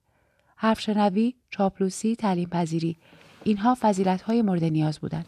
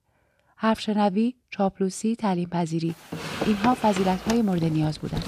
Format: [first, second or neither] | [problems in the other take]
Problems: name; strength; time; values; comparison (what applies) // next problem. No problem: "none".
first | household noises; loud; from 3 s on; 8 dB below the speech; faint in the first